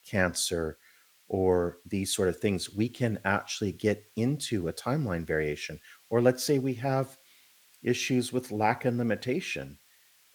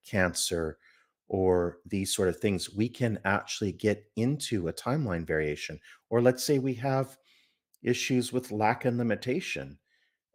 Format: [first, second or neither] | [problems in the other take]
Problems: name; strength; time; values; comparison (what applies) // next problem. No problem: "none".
second | hiss; faint; throughout; 30 dB below the speech